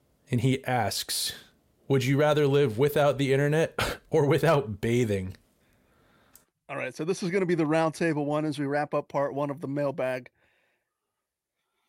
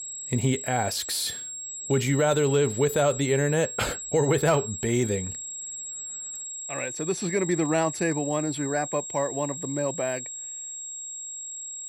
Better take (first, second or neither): first